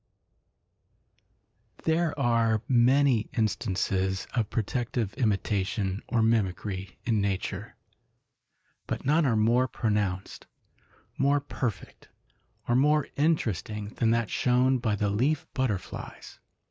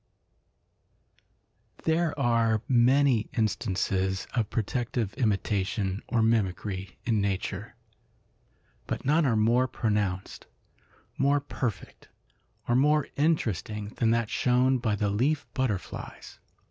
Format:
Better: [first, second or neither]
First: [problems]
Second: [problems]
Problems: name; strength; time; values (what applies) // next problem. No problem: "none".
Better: second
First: noise reduction (neural mask model Resemble Enhance denoiser)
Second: none